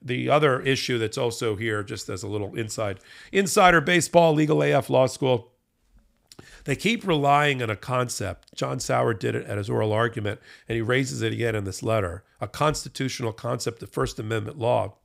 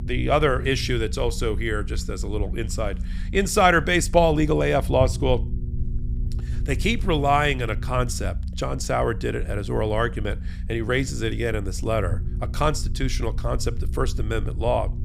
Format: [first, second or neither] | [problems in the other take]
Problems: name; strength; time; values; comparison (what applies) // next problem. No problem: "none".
first | low rumble; faint; throughout; 20 dB below the speech